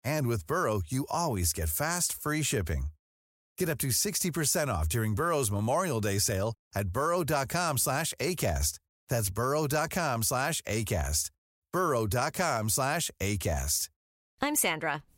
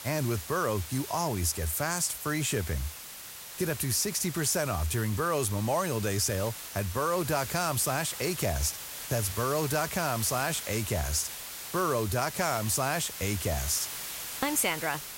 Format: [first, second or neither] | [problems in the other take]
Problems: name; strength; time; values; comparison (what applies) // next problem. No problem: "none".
first | hiss; loud; throughout; 8 dB below the speech